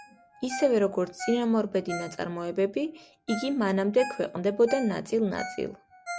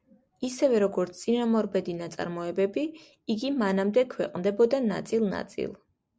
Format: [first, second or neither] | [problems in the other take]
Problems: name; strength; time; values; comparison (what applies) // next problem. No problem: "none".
second | background sound (Ringtone); 13 dB below the speech